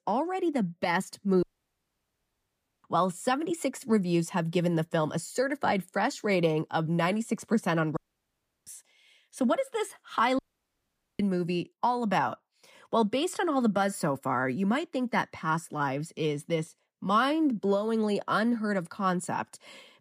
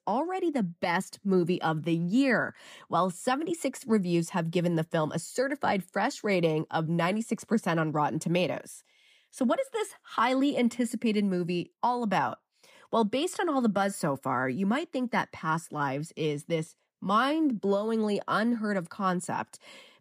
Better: second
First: audio cutting out; at 1.5 s for 1.5 s, at 8 s for 0.5 s and at 10 s for 1 s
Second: none

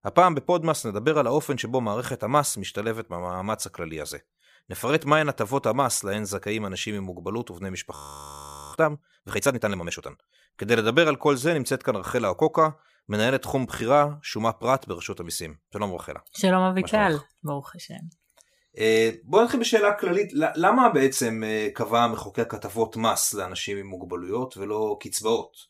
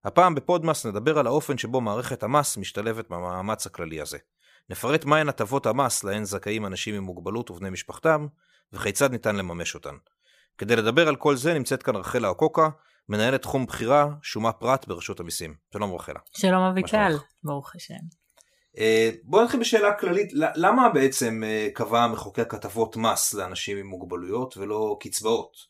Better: second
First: audio freezing; at 8 s for 1 s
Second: none

